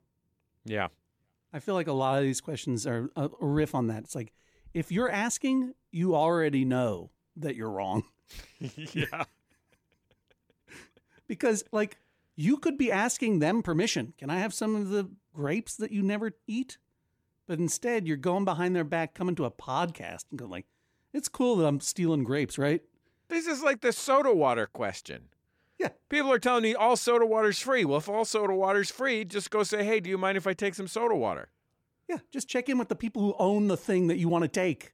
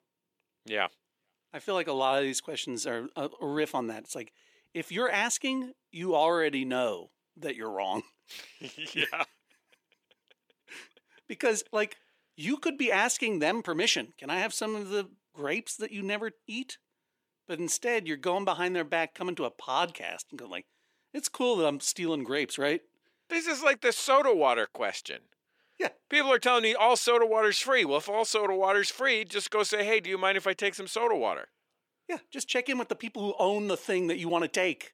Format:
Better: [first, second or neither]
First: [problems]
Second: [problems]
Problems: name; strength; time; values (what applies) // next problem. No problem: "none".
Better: first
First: none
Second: thin; somewhat; fading below 350 Hz